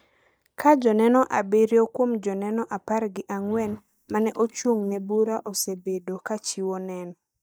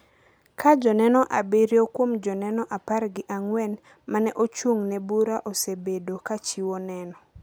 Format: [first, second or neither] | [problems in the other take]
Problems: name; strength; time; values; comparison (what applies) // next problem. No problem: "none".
second | noise reduction (neural mask model DeepFilterNet 3)